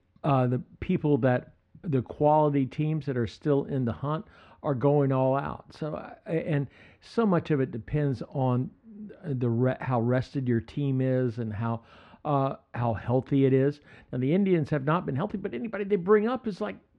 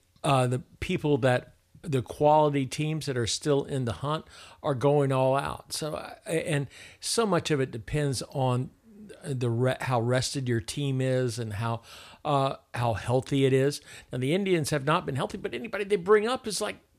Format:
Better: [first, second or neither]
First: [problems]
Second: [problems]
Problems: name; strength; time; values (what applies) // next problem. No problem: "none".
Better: second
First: muffled; very; fading above 2 kHz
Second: none